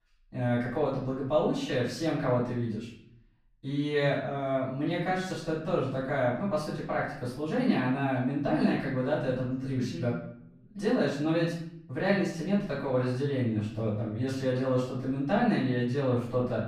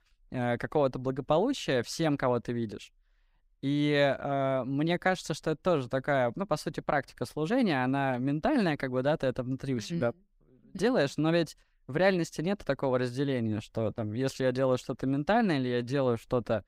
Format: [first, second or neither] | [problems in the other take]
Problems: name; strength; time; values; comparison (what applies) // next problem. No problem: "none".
second | off-mic speech; far // room echo; noticeable; dies away in 0.7 s